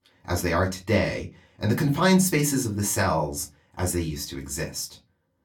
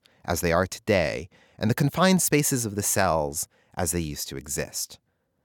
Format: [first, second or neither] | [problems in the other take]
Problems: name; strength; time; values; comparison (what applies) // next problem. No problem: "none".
second | off-mic speech; far // room echo; very slight; dies away in 0.2 s